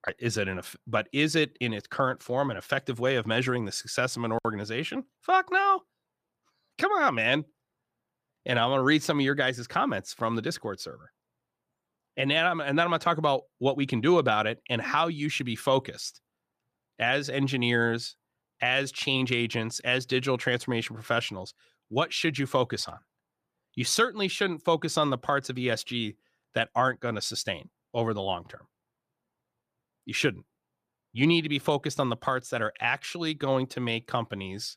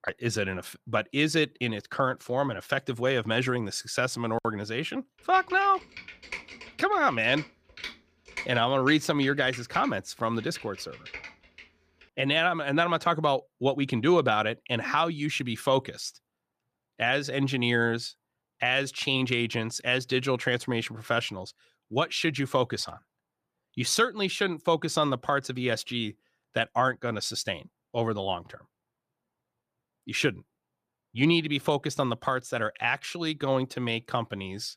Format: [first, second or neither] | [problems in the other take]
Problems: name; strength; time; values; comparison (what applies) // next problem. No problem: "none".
first | keyboard typing; faint; from 5.5 to 12 s; peak 10 dB below the speech